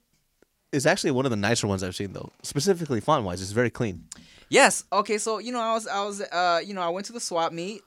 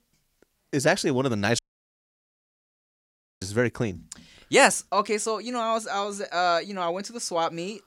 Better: first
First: none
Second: audio cutting out; at 1.5 s for 2 s

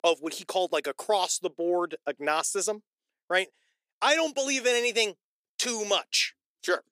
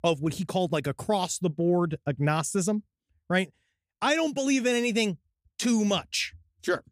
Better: second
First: thin; very; fading below 400 Hz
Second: none

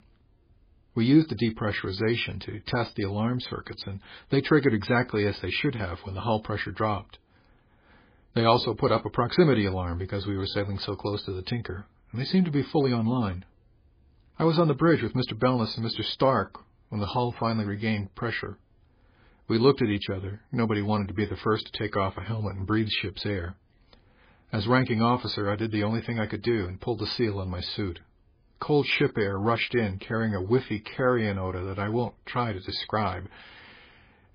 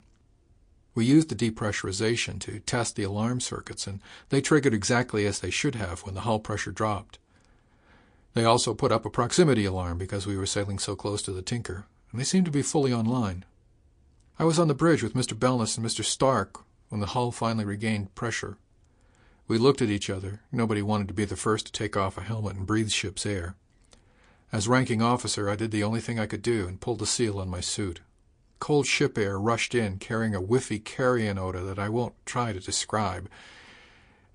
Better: second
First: garbled, watery; badly; nothing above 4 kHz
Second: garbled, watery; slightly

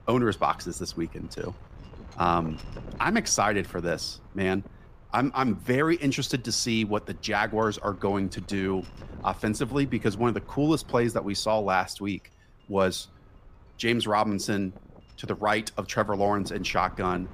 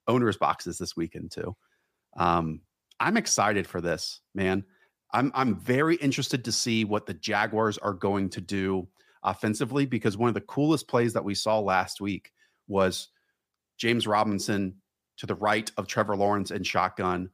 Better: second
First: wind noise on the microphone; occasional gusts; 25 dB below the speech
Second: none

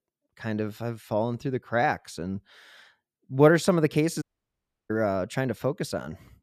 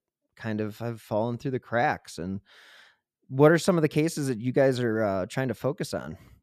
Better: second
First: audio cutting out; at 4 s for 0.5 s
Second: none

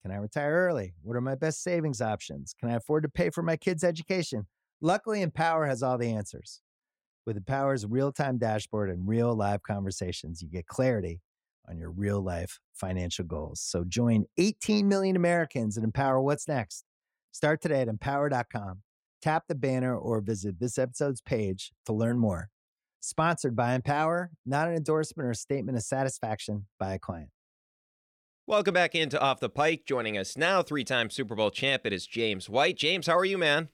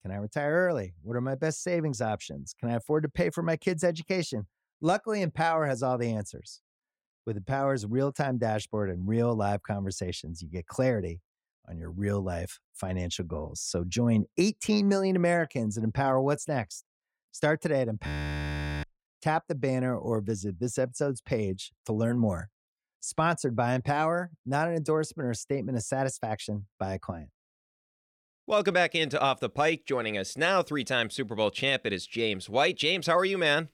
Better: first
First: none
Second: audio freezing; at 18 s for 1 s

